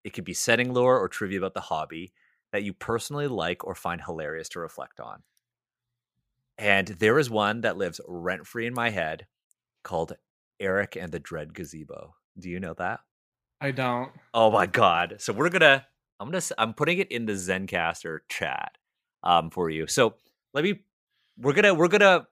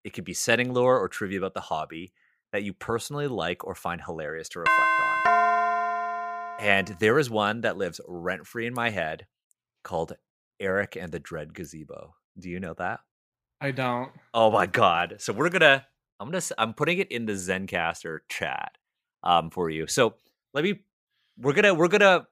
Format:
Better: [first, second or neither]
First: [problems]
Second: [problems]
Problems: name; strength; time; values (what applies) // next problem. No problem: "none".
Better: first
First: none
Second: doorbell; loud; from 4.5 to 6.5 s; peak 5 dB above the speech